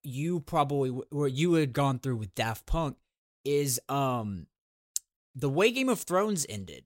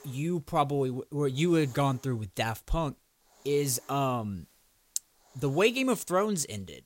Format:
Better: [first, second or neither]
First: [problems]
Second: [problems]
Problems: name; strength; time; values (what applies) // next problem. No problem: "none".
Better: first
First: none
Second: hiss; faint; throughout; 30 dB below the speech